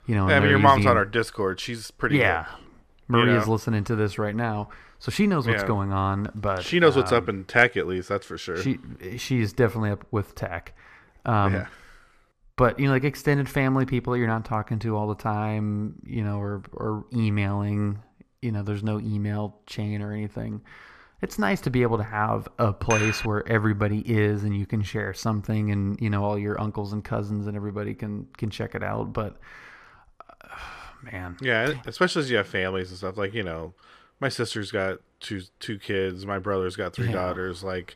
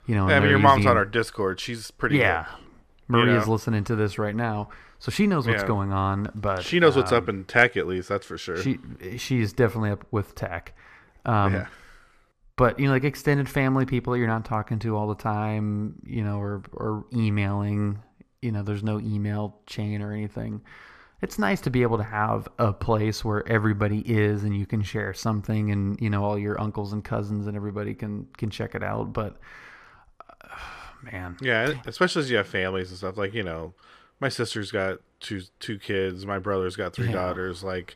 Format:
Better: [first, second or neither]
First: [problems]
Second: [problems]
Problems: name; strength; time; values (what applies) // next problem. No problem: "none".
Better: second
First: clattering dishes; noticeable; at 23 s; peak 1 dB below the speech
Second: none